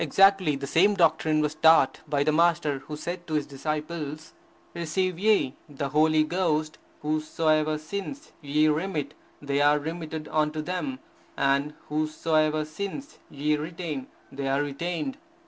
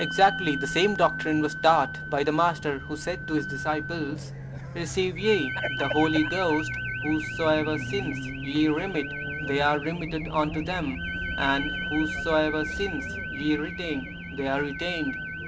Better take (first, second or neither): first